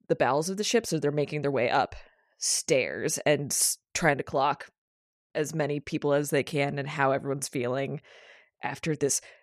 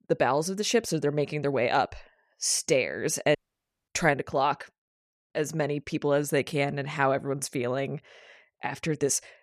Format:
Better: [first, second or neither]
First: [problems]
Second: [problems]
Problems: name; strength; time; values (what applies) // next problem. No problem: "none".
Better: first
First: none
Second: audio cutting out; at 3.5 s for 0.5 s